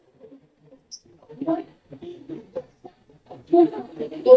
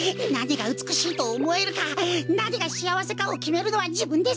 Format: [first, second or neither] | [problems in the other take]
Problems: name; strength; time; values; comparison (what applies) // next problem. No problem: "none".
second | noise reduction (neural mask model DeepFilterNet 3)